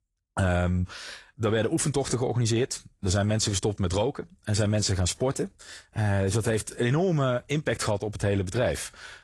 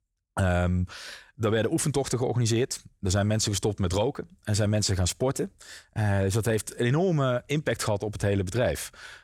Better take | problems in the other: second | garbled, watery; slightly

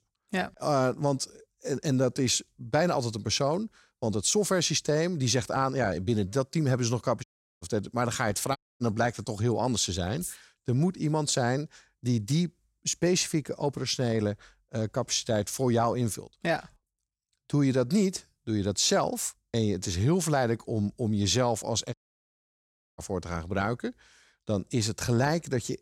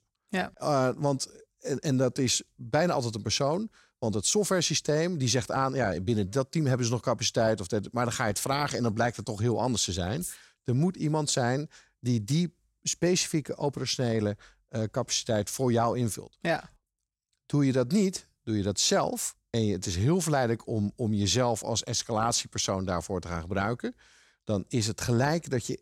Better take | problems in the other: second | audio cutting out; at 7 s, at 8.5 s and at 22 s for 1 s

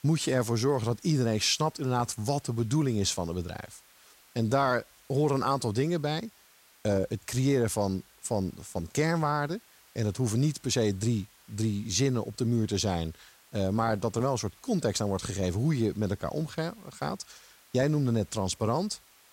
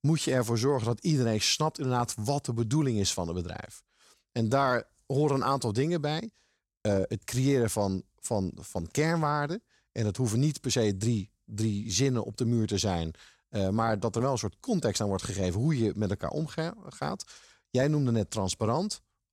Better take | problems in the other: second | hiss; faint; throughout; 25 dB below the speech

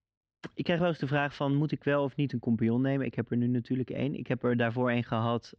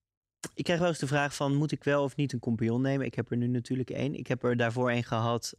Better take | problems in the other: second | muffled; slightly; fading above 4 kHz

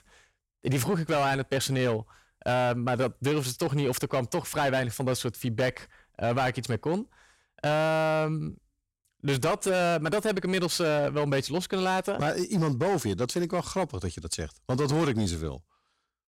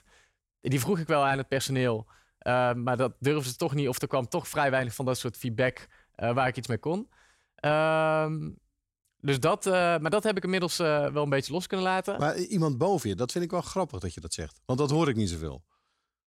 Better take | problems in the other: second | distortion; slight; 12% of the sound clipped

